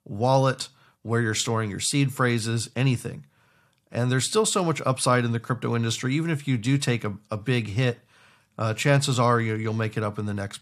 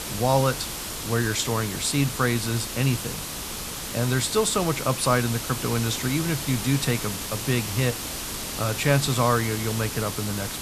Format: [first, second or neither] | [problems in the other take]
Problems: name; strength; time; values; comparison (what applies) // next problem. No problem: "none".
first | hiss; loud; throughout; 5 dB below the speech